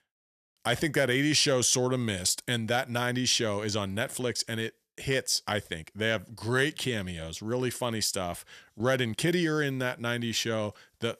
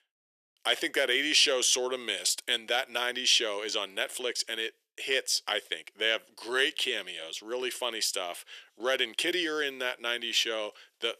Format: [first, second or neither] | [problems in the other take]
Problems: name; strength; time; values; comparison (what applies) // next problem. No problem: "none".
first | thin; very; fading below 350 Hz